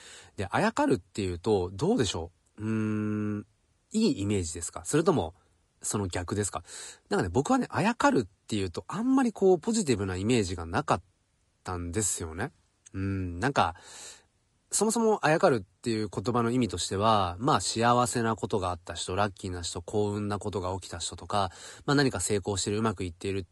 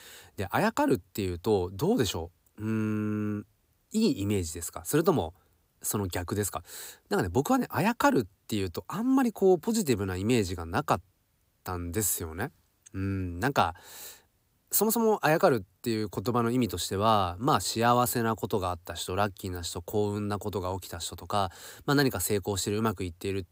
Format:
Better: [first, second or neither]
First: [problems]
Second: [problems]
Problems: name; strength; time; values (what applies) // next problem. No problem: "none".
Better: second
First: garbled, watery; slightly; nothing above 11 kHz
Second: none